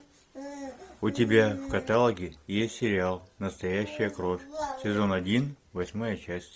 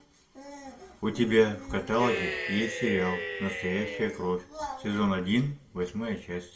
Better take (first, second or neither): first